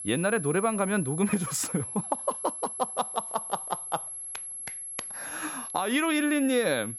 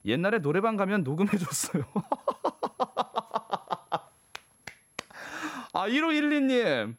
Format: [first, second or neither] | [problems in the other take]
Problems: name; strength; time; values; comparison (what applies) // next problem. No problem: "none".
second | high-pitched whine; loud; throughout; 11 kHz, 6 dB below the speech; faint in the second